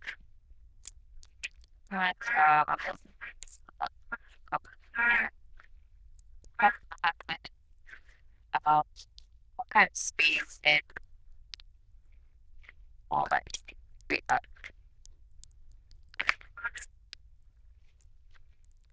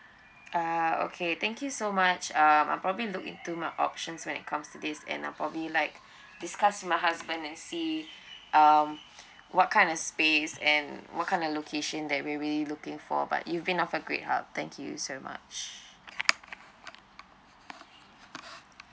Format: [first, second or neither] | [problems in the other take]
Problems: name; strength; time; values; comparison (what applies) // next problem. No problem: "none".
second | noise reduction (neural diffusion model UNIVERSE++)